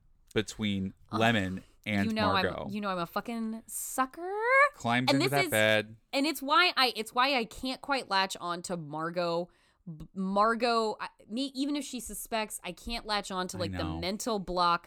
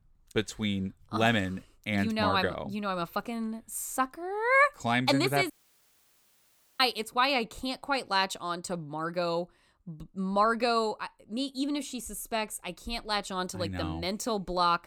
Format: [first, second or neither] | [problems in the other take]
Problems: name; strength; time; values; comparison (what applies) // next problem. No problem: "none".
first | audio cutting out; at 5.5 s for 1.5 s